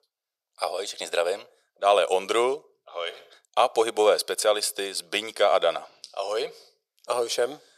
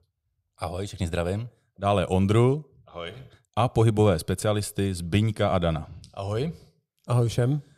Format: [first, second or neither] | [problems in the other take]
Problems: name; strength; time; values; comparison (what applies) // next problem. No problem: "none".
second | thin; very; fading below 500 Hz